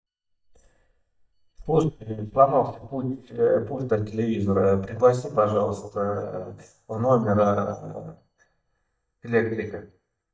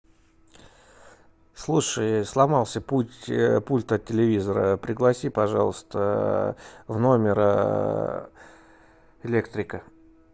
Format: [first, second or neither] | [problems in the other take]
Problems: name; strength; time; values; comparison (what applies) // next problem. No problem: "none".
second | noise reduction (neural mask model DeepFilterNet 3)